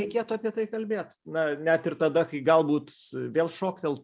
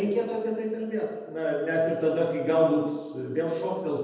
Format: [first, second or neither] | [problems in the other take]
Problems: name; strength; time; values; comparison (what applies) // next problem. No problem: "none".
first | room echo; dies away in 1.1 s